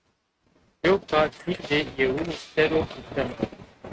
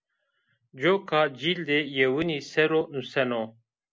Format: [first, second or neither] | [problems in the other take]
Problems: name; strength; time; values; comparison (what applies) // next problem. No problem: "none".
second | noise reduction (neural mask model RNNoise)